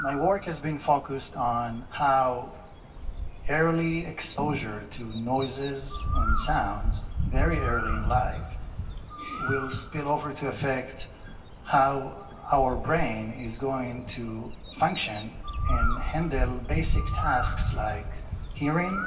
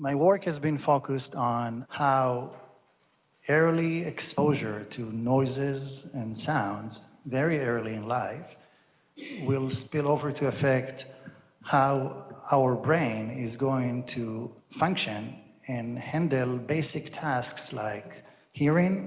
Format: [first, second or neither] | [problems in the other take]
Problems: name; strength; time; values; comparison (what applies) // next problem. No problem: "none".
second | background sound (Bird); 2 dB below the speech // room echo; dies away in 0.1 s